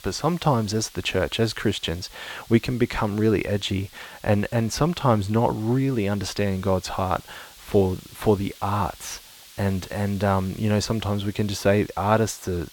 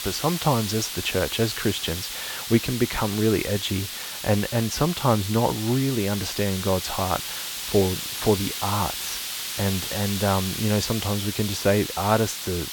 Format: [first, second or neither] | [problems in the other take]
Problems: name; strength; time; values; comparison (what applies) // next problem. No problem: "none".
first | hiss; loud; throughout; 5 dB below the speech; faint in the first